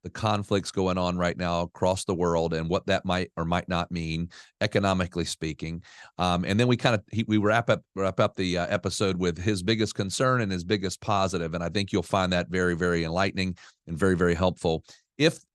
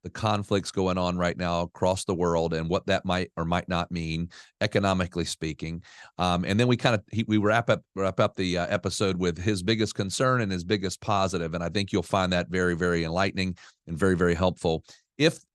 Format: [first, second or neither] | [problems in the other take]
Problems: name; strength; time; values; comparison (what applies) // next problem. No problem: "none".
neither | none